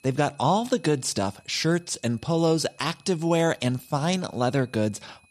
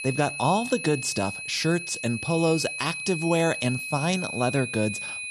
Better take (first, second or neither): first